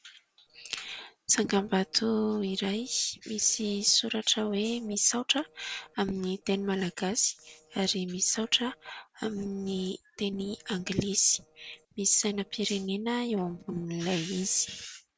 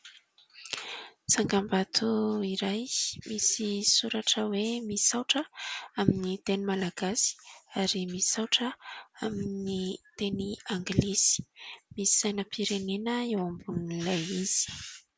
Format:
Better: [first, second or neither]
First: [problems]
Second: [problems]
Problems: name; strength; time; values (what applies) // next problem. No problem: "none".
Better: second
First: noise reduction (neural separator model SepFormer DNS4)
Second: none